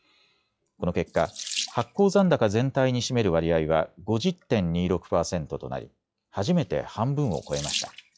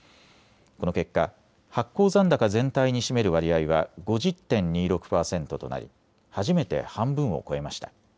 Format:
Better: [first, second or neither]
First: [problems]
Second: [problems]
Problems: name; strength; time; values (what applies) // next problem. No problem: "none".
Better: second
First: noise reduction (classical method log-MMSE)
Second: none